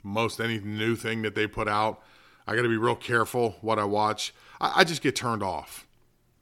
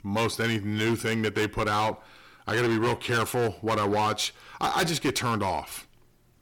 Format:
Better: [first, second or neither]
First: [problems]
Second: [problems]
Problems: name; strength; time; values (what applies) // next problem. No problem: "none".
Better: first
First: none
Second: distortion; heavy; 15% of the sound clipped